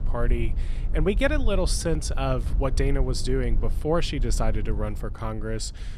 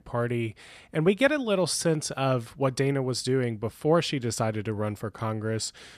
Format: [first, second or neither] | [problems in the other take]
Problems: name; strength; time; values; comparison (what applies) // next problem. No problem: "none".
second | low rumble; noticeable; throughout; 20 dB below the speech